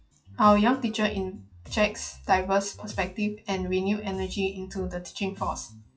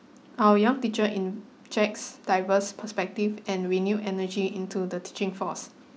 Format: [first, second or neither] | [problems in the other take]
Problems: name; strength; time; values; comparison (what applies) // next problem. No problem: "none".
second | noise reduction (classical method WPE with log-MMSE)